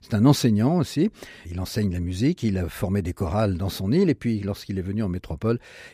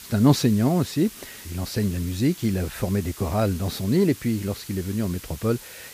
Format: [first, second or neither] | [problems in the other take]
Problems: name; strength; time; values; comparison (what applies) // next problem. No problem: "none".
first | hiss; noticeable; throughout; 15 dB below the speech